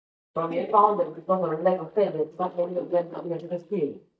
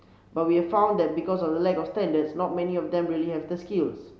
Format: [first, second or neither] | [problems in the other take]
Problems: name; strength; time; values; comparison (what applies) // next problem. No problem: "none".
second | noise reduction (neural mask model DeepFilterNet 3)